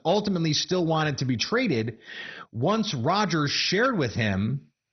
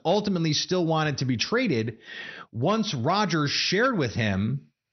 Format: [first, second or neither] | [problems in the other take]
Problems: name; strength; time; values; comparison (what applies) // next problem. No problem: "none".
second | garbled, watery; badly; nothing above 6 kHz; slightly in the second